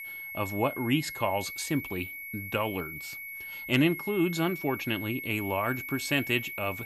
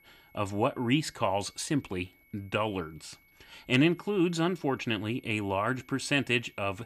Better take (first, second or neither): second